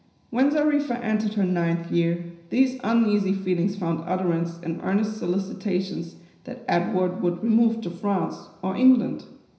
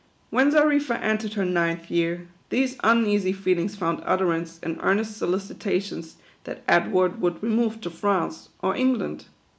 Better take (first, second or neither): second